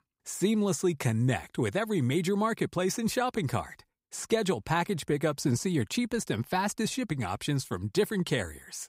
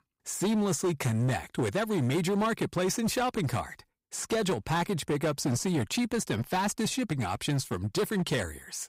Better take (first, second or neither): first